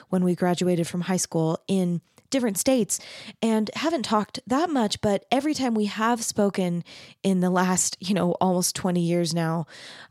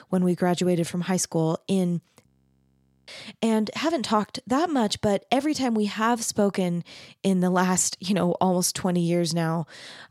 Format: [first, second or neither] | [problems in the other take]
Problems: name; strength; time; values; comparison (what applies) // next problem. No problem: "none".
first | audio freezing; at 2.5 s for 1 s